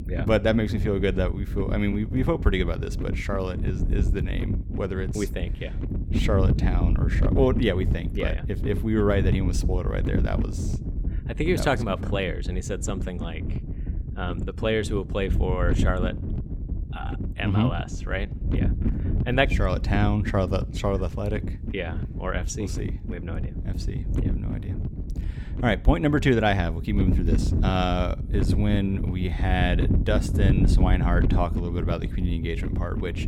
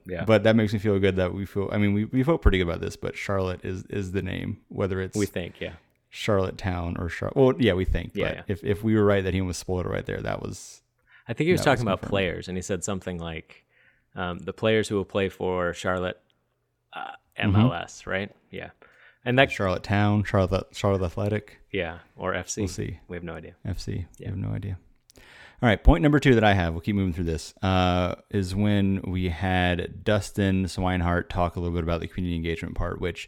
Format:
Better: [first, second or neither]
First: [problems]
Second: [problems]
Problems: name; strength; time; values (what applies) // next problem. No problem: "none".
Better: second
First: wind noise on the microphone; occasional gusts; 10 dB below the speech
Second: none